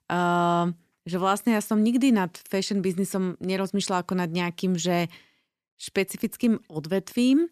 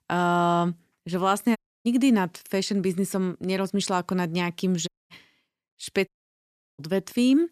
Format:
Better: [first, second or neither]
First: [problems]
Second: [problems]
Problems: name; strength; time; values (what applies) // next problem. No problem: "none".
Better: first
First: none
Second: audio cutting out; at 1.5 s, at 5 s and at 6 s for 0.5 s